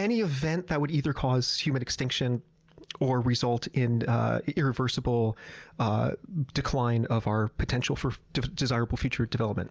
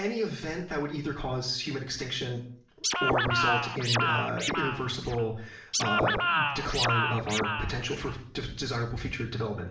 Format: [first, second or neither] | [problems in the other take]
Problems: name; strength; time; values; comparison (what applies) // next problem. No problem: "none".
first | background sound (Scratching (performance technique)); 3 dB above the speech // room echo; dies away in 0.5 s